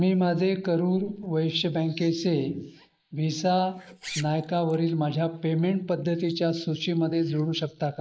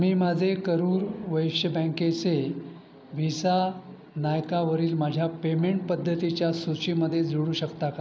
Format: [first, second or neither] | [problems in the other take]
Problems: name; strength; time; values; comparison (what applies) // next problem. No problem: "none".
second | noise reduction (neural mask model Resemble Enhance denoiser)